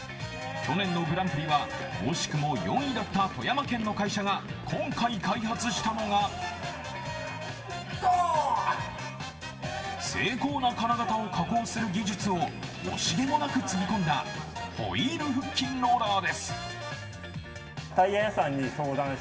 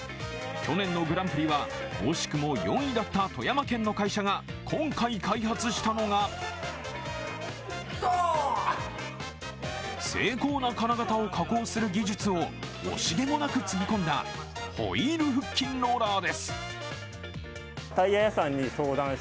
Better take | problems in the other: second | background sound (Run); 20 dB below the speech // room echo; dies away in 2.1 s

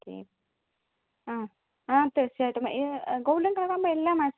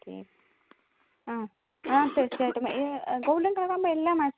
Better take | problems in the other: first | background sound (Cough); 15 dB below the speech

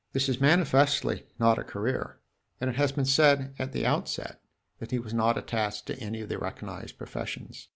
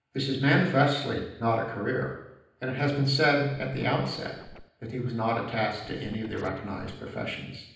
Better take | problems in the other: first | background sound (Scratching (performance technique)); 19 dB below the speech // room echo; dies away in 0.9 s

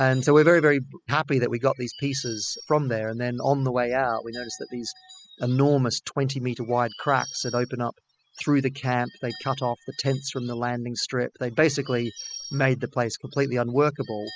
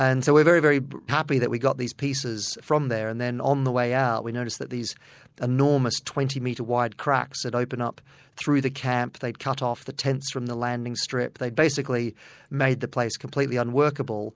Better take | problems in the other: second | noise reduction (classical method spectral subtraction)

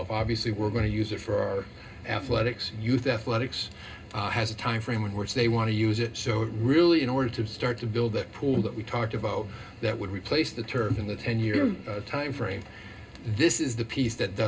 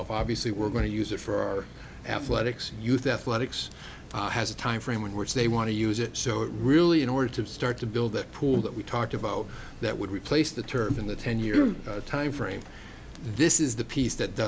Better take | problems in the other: second | room echo; dies away in 0.2 s

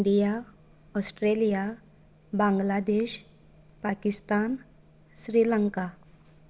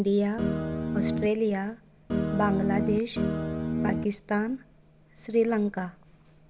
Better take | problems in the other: first | background sound (Guitar); 1 dB above the speech

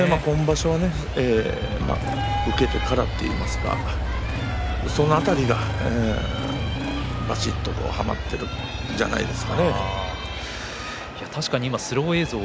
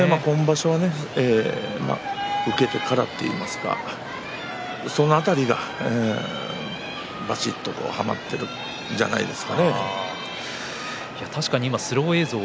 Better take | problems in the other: second | background sound (Engine starting / Motorcycle); 3 dB below the speech

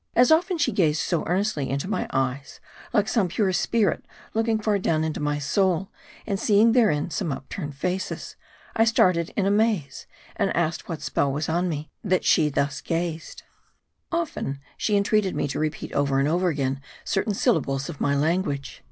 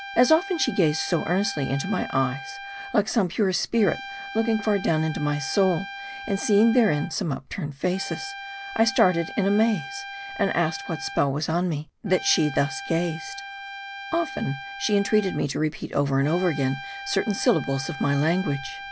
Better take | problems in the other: first | background sound (Trumpet); 13 dB below the speech

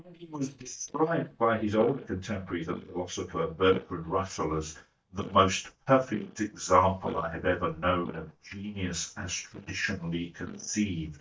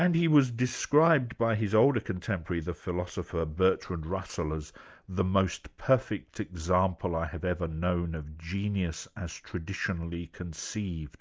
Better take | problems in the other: second | noise reduction (neural mask model DeepFilterNet 3)

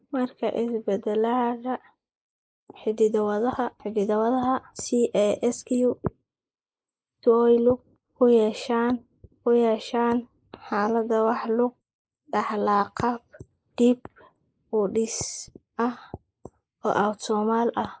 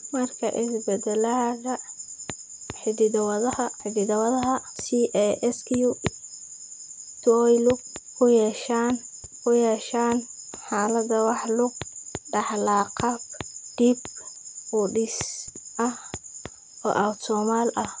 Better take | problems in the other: second | noise reduction (neural mask model Resemble Enhance denoiser)

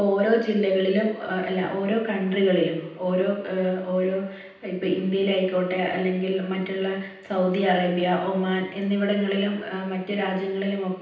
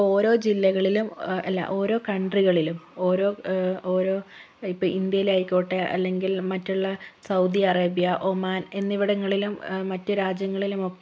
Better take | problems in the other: second | room echo; dies away in 0.9 s

